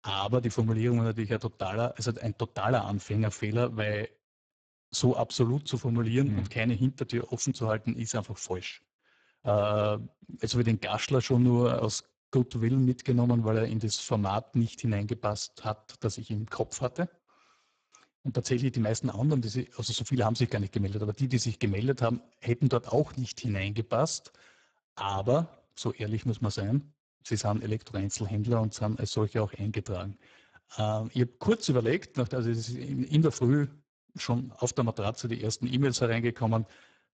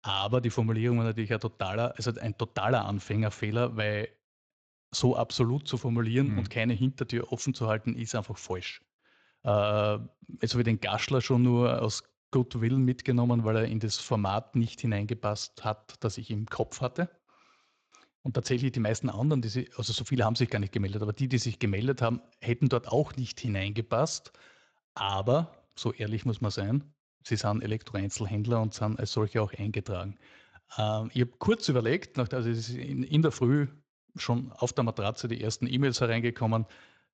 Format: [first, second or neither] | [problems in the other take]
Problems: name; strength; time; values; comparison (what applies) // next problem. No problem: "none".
second | garbled, watery; badly; nothing above 7.5 kHz; slightly in the second